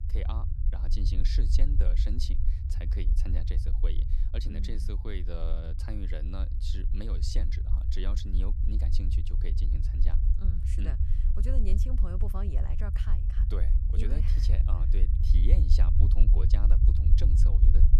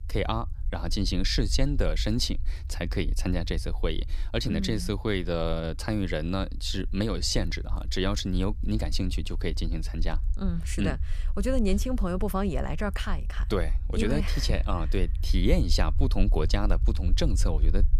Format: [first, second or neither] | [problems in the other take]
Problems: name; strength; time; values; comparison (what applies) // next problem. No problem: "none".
second | low rumble; loud; throughout; 2 dB below the speech; faint in the second